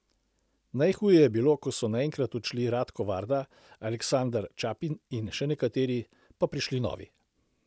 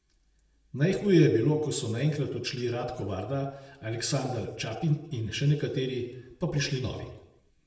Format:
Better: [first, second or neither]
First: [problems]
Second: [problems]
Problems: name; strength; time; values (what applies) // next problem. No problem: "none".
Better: first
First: none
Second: room echo; dies away in 0.8 s